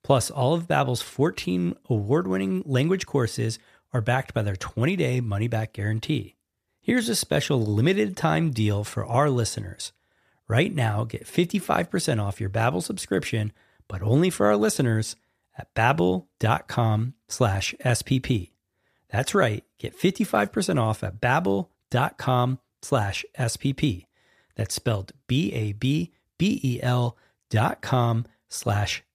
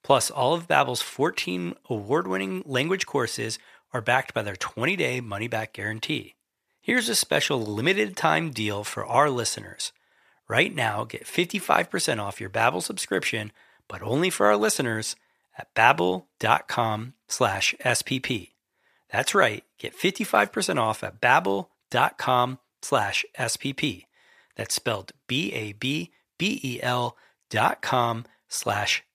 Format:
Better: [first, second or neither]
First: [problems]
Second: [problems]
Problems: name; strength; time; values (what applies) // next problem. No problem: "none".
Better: first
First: none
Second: thin; somewhat; fading below 500 Hz